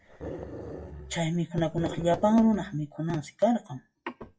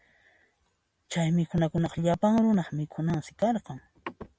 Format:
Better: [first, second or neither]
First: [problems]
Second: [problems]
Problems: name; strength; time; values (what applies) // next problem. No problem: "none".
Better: second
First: noise reduction (classical method WPE with log-MMSE)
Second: none